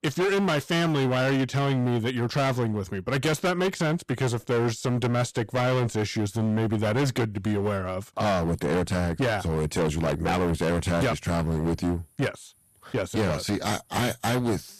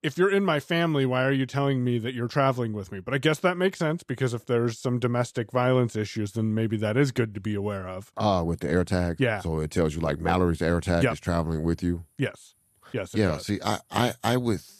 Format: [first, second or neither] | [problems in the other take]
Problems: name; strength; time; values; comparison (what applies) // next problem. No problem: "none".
second | distortion; heavy; 22% of the sound clipped